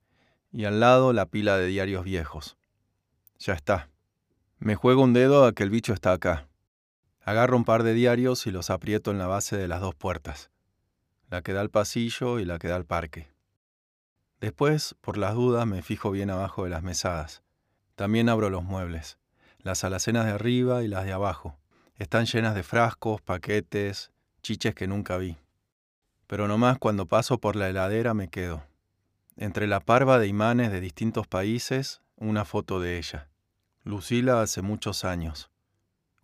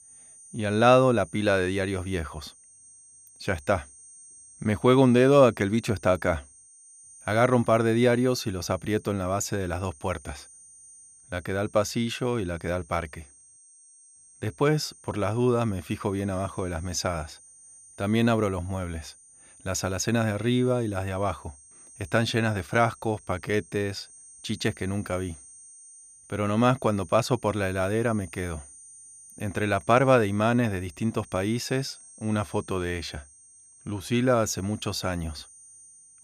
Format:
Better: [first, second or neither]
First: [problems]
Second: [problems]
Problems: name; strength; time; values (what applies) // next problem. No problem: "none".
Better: first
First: none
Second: high-pitched whine; faint; throughout; 9 kHz, 20 dB below the speech